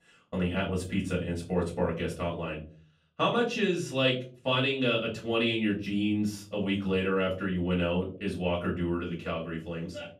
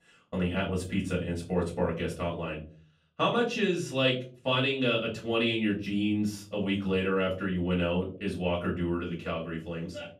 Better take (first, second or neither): neither